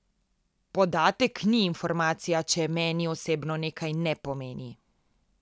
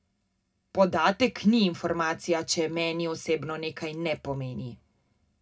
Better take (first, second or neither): first